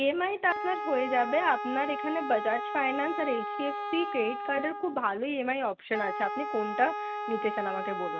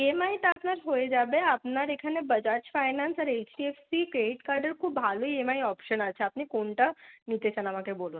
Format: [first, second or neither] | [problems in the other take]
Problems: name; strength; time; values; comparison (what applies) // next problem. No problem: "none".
second | background sound (Wind instrument, woodwind instrument); 5 dB below the speech